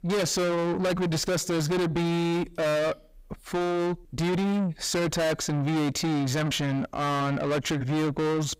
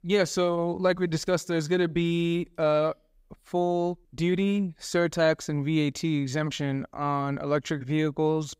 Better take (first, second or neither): second